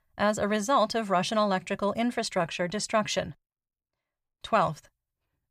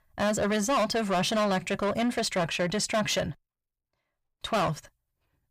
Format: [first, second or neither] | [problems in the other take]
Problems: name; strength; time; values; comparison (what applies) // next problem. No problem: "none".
first | distortion; heavy; 8 dB below the speech